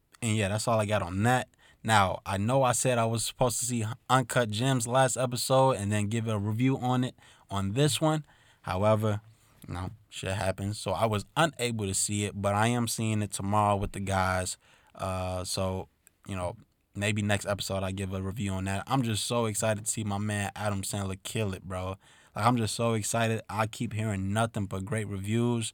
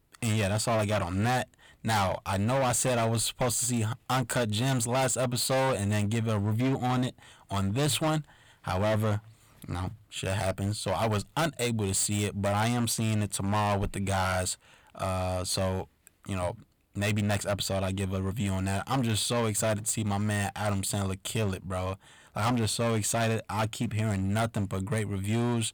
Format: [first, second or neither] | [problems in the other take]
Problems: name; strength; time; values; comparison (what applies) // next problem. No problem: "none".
first | distortion; heavy; 14% of the sound clipped